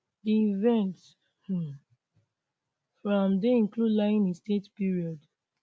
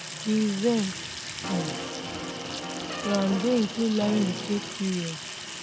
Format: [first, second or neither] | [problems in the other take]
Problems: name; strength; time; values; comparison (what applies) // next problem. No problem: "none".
first | background sound (Brass instrument + Sink (filling or washing) / Water tap, faucet); 6 dB below the speech